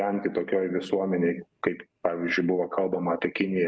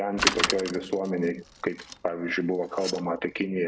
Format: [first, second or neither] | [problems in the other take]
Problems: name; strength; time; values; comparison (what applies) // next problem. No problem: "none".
first | background sound (Bicycle); 4 dB below the speech